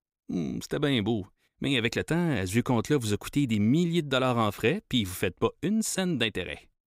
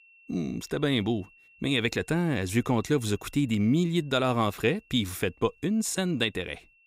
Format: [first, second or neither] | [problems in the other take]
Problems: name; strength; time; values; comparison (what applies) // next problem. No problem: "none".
first | high-pitched whine; faint; throughout; 2.5 kHz, 30 dB below the speech